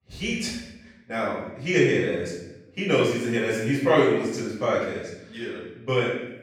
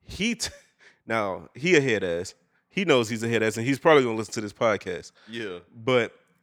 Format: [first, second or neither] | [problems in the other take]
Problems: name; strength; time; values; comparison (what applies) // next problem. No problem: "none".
second | room echo; noticeable; dies away in 0.8 s // off-mic speech; far